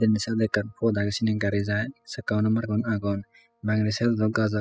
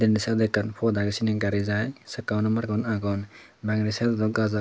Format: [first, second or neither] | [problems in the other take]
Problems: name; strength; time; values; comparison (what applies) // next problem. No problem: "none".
second | noise reduction (classical method spectral subtraction)